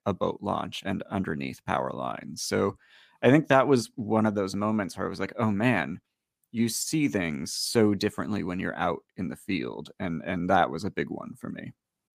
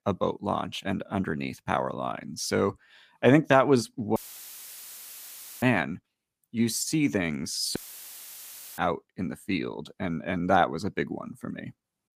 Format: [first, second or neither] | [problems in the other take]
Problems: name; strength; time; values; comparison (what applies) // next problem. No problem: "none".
first | audio cutting out; filled with static; at 4 s for 1.5 s and at 8 s for 1 s